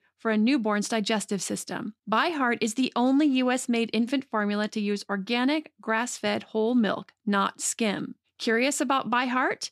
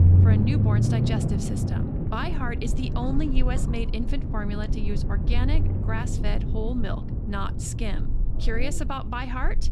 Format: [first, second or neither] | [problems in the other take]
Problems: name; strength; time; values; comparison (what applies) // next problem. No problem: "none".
first | low rumble; loud; throughout; 4 dB below the speech